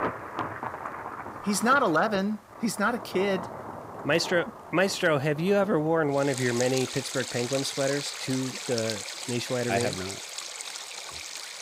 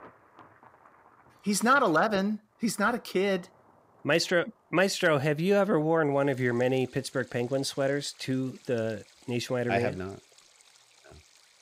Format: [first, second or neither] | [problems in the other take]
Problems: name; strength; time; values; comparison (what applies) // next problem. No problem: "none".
second | rain or running water; loud; throughout; 9 dB below the speech; faint in the second